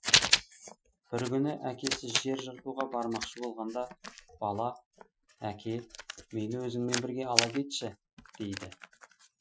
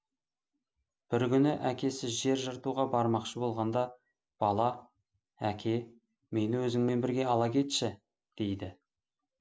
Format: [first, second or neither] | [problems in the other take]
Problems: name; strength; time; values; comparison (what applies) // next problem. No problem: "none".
second | noise reduction (classical method Wiener filter)